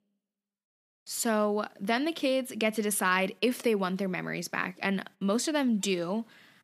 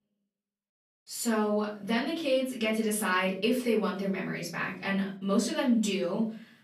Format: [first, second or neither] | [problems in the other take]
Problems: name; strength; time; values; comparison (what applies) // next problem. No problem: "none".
first | off-mic speech; far // room echo; slight; dies away in 0.4 s